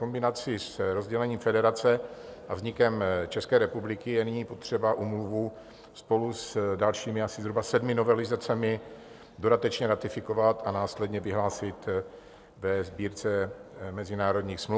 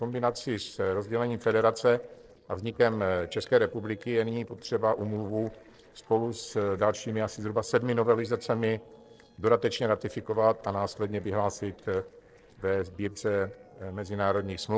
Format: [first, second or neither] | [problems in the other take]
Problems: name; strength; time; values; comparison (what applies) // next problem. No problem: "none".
first | noise reduction (neural separator model SepFormer DNS4)